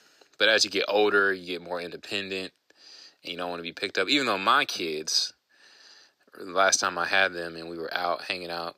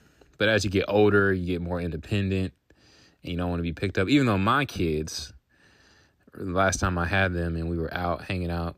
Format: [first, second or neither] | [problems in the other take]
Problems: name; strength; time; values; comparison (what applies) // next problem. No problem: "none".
second | thin; somewhat; fading below 500 Hz